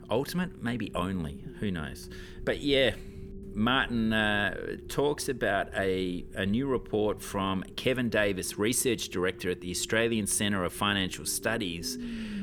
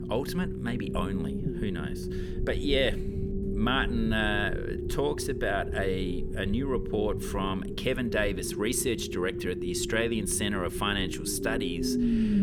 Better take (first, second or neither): first